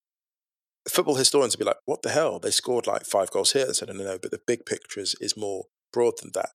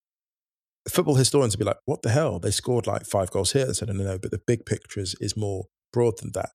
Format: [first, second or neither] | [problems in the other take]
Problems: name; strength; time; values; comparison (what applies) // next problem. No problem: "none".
second | thin; somewhat; fading below 350 Hz